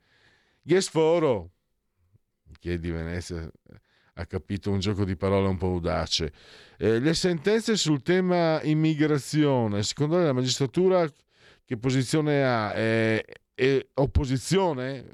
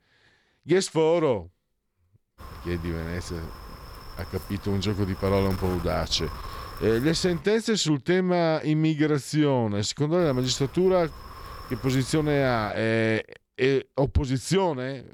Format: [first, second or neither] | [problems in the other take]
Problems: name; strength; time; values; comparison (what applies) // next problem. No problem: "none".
first | wind noise on the microphone; occasional gusts; from 2.5 to 7.5 s and from 10 to 13 s; 15 dB below the speech